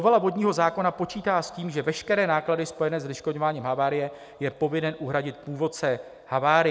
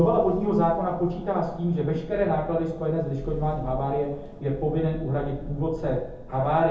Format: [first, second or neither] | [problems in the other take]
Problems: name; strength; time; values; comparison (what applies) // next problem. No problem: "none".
first | background sound (Thunder); 12 dB below the speech // room echo; dies away in 0.7 s